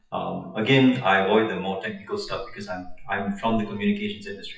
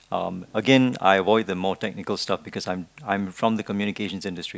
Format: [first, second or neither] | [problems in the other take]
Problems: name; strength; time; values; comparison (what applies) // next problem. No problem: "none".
second | noise reduction (classical method WPE with log-MMSE)